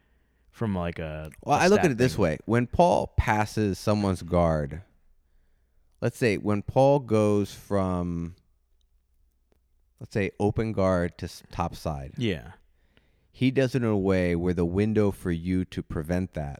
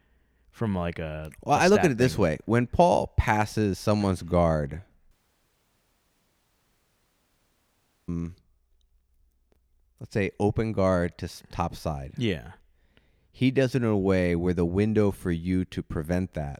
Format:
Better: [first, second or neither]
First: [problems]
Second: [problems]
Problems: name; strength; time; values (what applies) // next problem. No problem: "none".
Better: first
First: none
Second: audio cutting out; at 5 s for 3 s